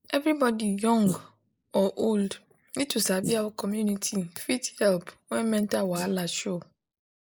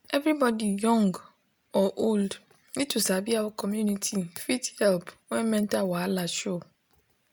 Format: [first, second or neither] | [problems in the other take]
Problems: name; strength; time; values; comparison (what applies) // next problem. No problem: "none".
second | noise reduction (neural mask model Resemble Enhance denoiser)